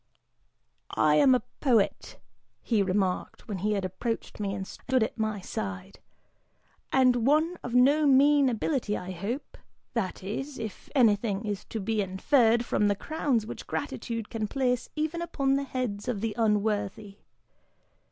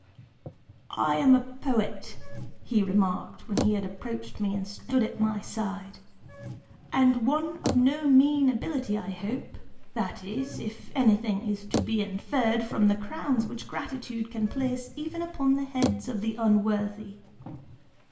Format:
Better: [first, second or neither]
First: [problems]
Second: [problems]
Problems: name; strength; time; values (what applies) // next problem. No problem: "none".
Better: first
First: none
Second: background sound (Bicycle); 12 dB below the speech // room echo; dies away in 0.8 s